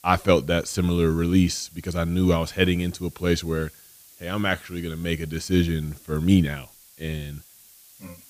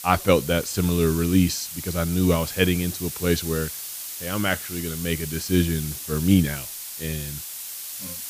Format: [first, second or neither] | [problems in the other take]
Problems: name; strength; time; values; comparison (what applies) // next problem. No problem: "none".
first | hiss; loud; throughout; 8 dB below the speech; faint in the first